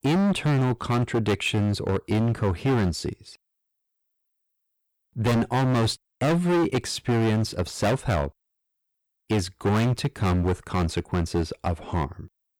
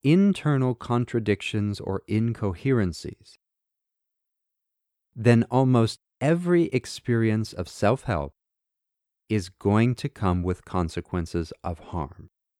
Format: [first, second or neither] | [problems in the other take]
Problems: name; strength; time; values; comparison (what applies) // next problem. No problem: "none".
second | distortion; heavy; 17% of the sound clipped